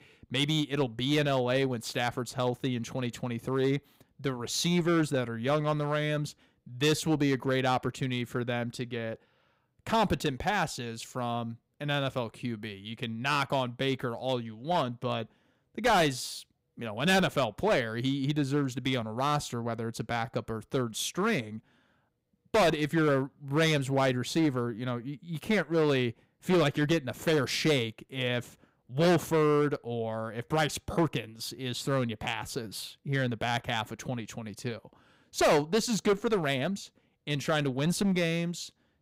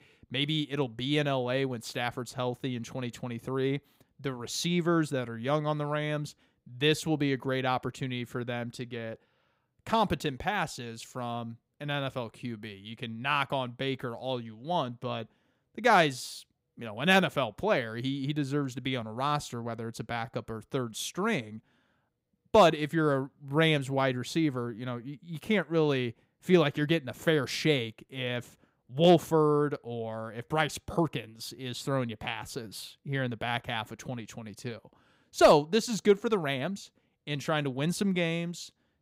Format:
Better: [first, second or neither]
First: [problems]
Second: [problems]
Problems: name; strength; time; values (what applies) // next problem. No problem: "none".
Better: second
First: distortion; heavy; 5% of the sound clipped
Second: none